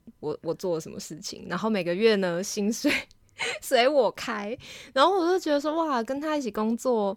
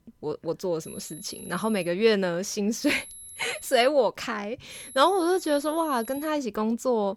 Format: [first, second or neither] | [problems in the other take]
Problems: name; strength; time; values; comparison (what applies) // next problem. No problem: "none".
first | high-pitched whine; noticeable; from 1 to 2 s, from 3 to 4 s and from 4.5 to 6.5 s; 11 kHz, 15 dB below the speech